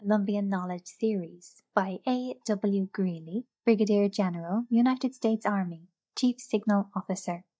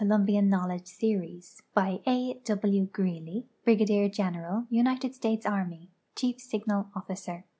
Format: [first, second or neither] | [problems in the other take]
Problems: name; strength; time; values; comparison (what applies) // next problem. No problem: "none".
second | noise reduction (neural mask model DeepFilterNet 3)